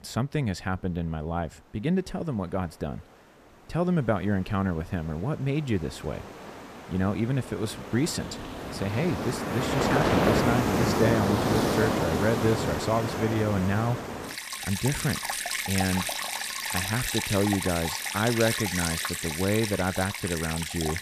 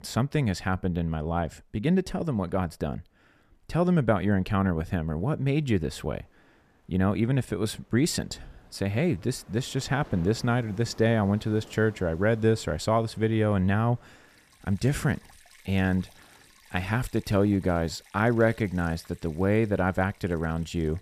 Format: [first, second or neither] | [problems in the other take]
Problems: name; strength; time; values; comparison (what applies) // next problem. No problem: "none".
second | rain or running water; loud; throughout; as loud as the speech; faint in the second